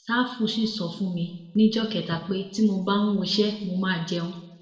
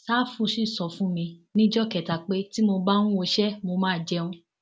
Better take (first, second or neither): second